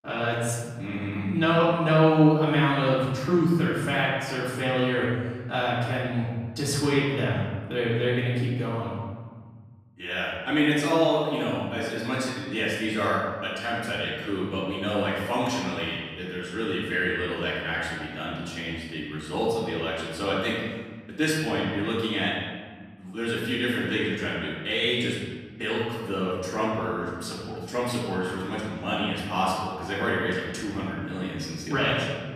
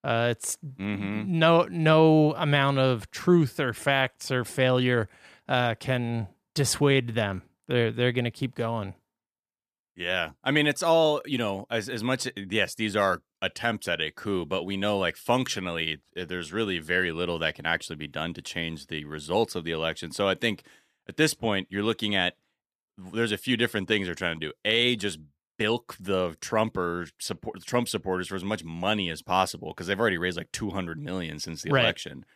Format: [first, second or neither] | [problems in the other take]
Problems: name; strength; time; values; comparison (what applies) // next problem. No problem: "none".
second | off-mic speech; far // room echo; noticeable; dies away in 1.5 s